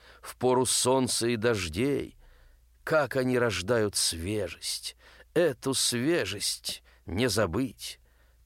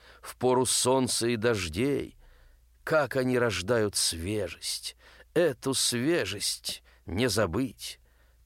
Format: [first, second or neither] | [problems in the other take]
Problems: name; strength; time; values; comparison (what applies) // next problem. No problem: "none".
neither | none